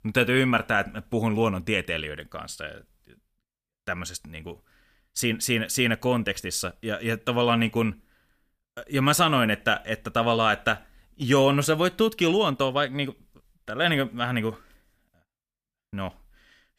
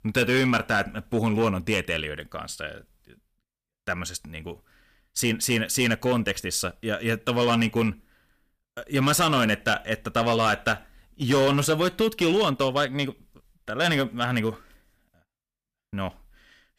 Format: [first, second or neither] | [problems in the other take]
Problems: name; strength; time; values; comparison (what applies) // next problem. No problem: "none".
first | distortion; slight; 4% of the sound clipped